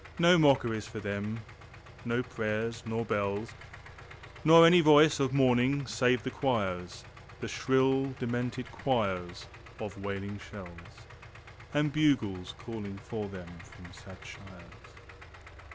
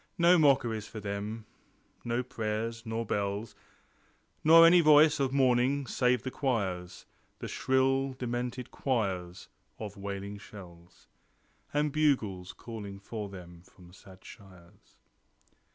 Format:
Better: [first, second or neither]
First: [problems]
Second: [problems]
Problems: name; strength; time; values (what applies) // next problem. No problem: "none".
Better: second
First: background sound (Idling); 18 dB below the speech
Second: none